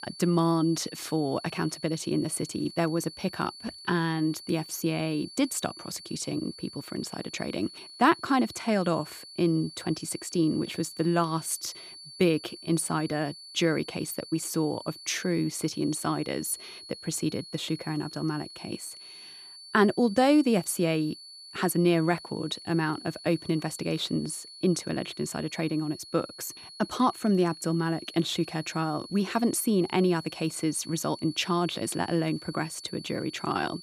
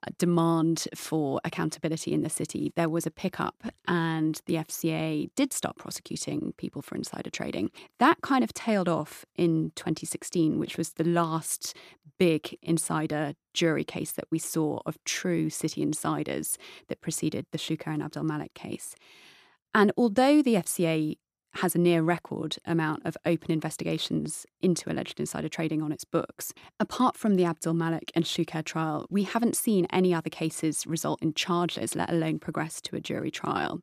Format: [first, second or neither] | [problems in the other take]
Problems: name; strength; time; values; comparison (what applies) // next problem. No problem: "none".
second | high-pitched whine; noticeable; throughout; 4.5 kHz, 15 dB below the speech